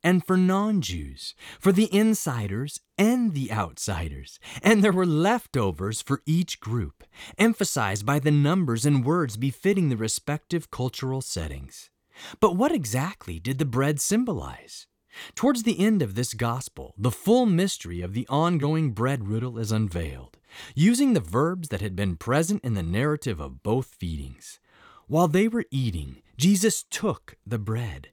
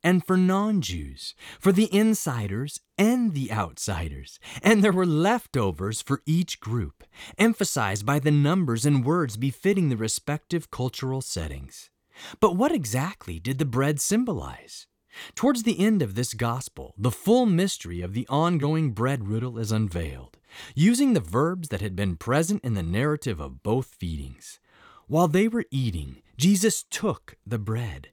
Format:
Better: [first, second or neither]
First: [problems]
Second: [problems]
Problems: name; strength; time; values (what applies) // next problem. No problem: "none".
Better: neither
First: none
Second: none